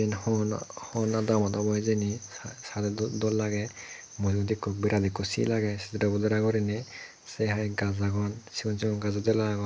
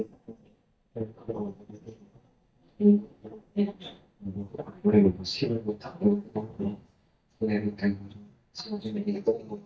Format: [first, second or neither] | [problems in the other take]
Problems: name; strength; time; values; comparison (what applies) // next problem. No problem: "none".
first | noise reduction (neural mask model DeepFilterNet 3)